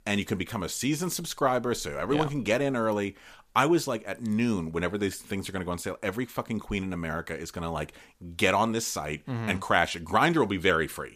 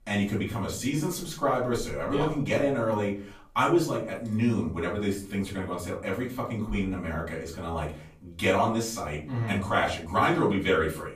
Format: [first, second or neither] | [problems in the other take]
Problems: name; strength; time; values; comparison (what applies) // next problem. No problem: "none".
first | off-mic speech; far // room echo; slight; dies away in 0.5 s